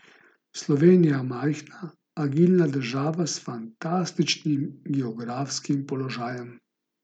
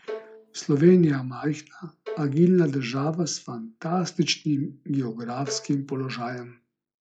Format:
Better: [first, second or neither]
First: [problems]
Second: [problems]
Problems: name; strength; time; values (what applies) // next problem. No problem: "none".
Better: first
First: none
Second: noise reduction (classical method log-MMSE)